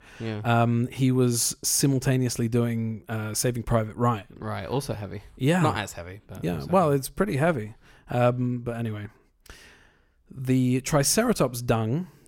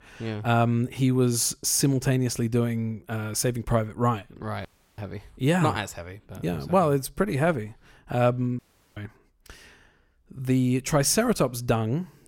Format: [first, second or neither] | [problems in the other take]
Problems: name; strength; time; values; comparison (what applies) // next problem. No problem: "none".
first | audio cutting out; at 4.5 s and at 8.5 s